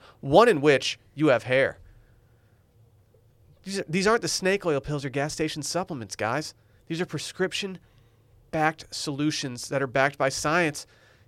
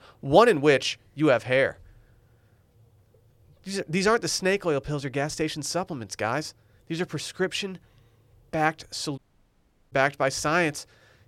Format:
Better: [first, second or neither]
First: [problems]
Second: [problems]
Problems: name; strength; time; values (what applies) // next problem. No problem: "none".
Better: first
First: none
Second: audio cutting out; at 9 s for 0.5 s